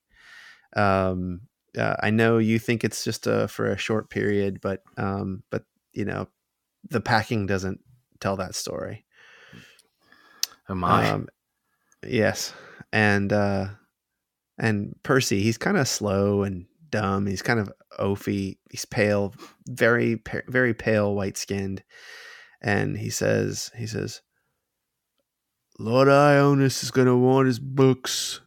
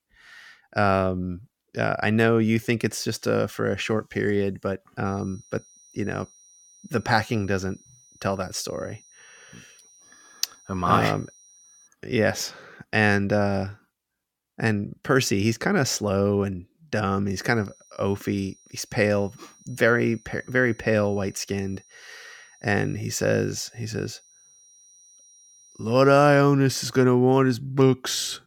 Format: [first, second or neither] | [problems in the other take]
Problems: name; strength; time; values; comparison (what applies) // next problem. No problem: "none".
first | high-pitched whine; faint; from 5 to 12 s and from 17 to 26 s; 6 kHz, 30 dB below the speech